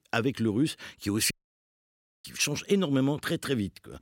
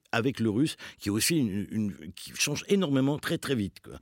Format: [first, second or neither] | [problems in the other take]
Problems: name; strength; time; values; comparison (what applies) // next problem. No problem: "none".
second | audio cutting out; at 1.5 s for 1 s